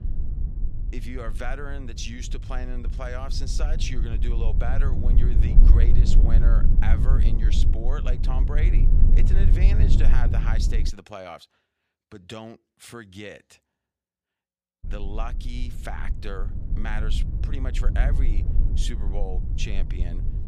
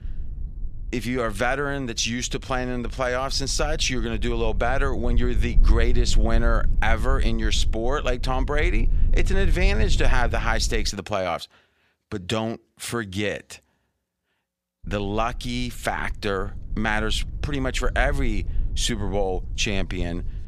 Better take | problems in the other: second | low rumble; loud; until 11 s and from 15 s on; 4 dB below the speech; faint in the second

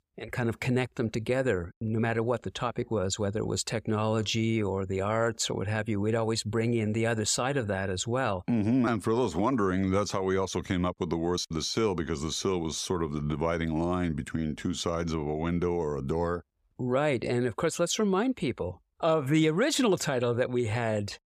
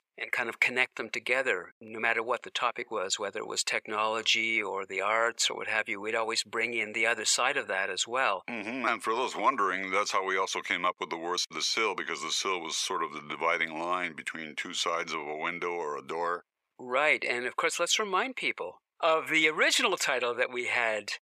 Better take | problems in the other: first | thin; very; fading below 550 Hz

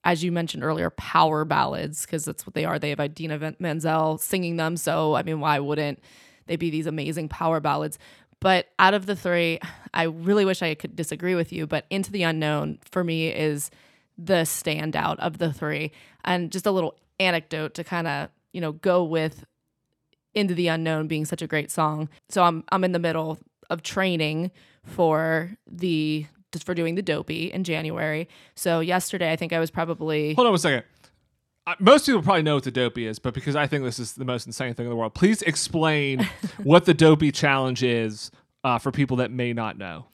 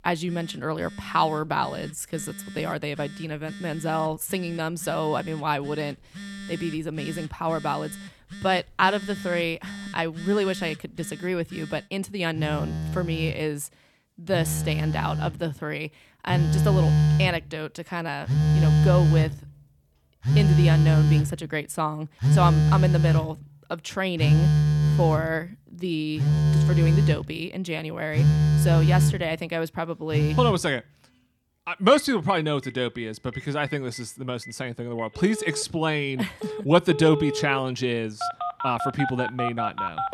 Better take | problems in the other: first | alarms or sirens; very loud; throughout; 4 dB above the speech

